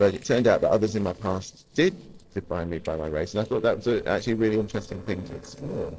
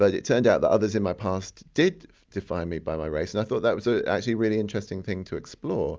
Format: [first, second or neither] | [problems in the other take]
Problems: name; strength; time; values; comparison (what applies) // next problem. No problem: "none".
second | noise reduction (neural separator model SepFormer DNS4)